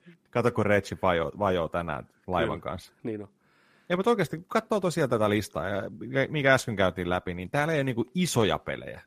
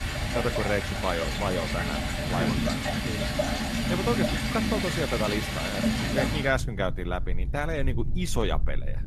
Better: first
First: none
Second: rain or running water; very loud; throughout; 2 dB above the speech

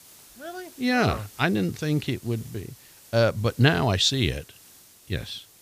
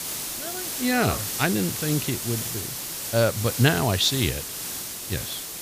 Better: first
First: hiss; faint; throughout; 25 dB below the speech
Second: hiss; loud; throughout; 4 dB below the speech

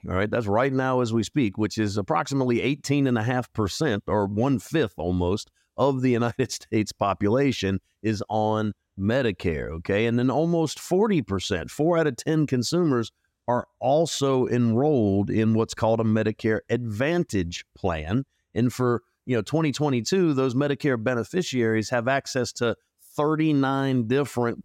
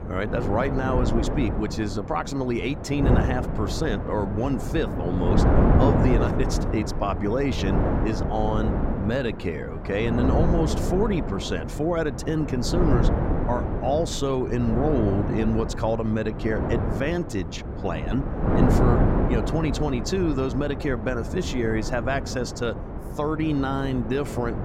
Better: first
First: none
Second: wind noise on the microphone; heavy; 3 dB below the speech

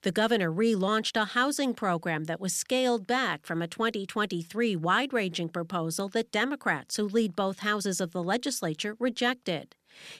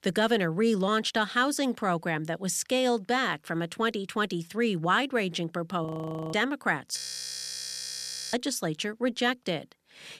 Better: first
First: none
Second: audio freezing; at 6 s and at 7 s for 1.5 s

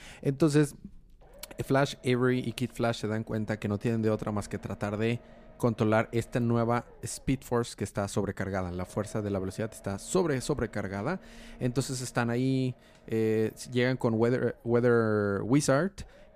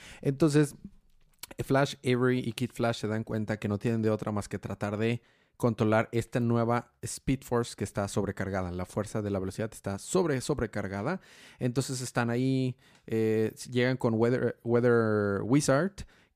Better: second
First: low rumble; faint; throughout; 25 dB below the speech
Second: none

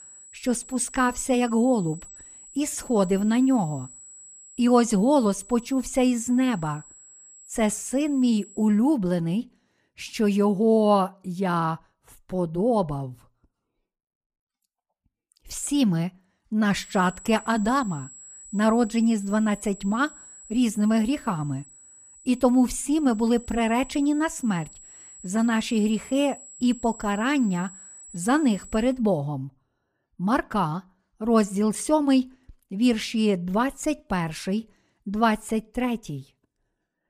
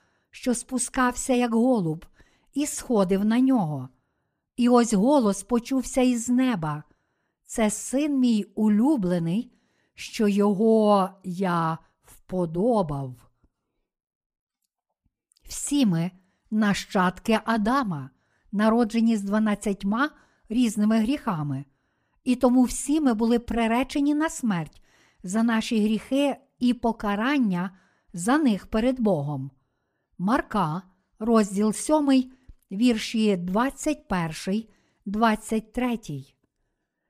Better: second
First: high-pitched whine; noticeable; until 8.5 s and from 17 to 29 s; 8 kHz, 20 dB below the speech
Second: none

